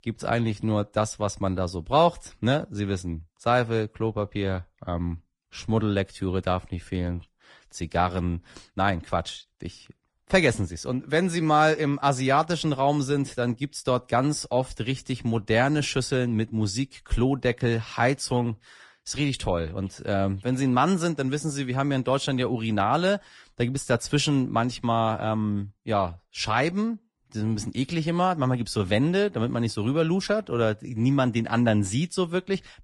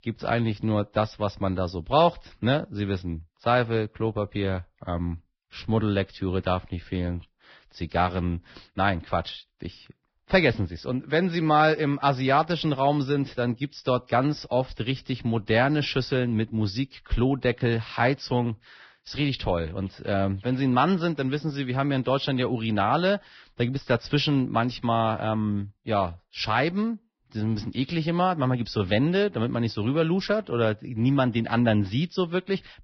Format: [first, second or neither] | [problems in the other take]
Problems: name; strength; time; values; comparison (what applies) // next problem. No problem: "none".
first | garbled, watery; badly; nothing above 5.5 kHz; slightly in the first